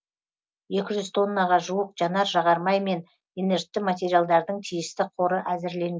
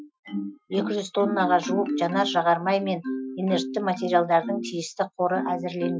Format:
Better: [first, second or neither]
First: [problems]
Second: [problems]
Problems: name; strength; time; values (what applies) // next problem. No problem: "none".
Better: first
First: none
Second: noise reduction (classical method Wiener filter)